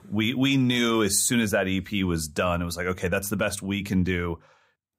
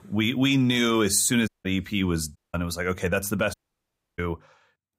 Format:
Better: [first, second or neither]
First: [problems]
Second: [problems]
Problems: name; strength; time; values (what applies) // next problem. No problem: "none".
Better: first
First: none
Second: audio cutting out; at 1.5 s, at 2.5 s and at 3.5 s for 0.5 s